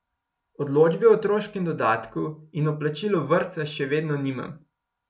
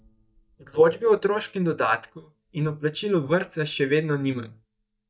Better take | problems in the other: first | noise reduction (neural mask model DeepFilterNet 3)

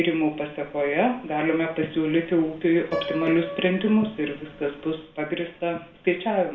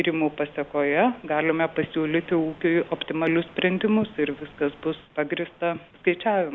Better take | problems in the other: second | background sound (Piano); 16 dB below the speech // room echo; dies away in 0.4 s

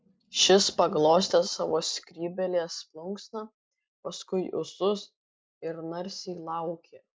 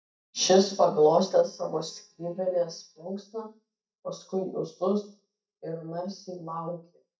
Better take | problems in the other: first | noise reduction (neural mask model DeepFilterNet 3)

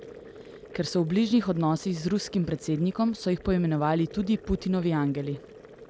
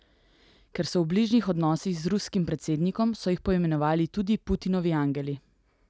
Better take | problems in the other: second | background sound (Boiling); 19 dB below the speech

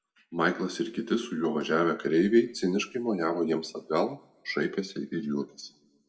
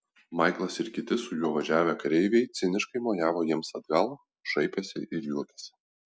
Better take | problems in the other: second | room echo; dies away in 0.5 s

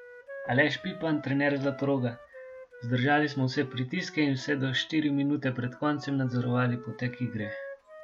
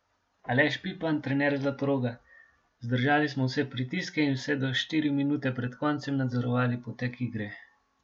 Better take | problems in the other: second | background sound (Wind instrument, woodwind instrument); 17 dB below the speech

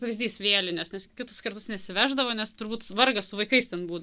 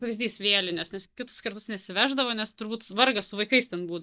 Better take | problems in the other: first | noise reduction (neural mask model DeepFilterNet 3)

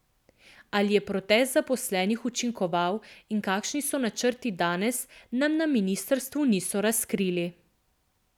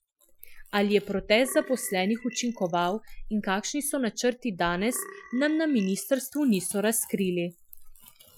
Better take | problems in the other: first | noise reduction (classical method Wiener filter)

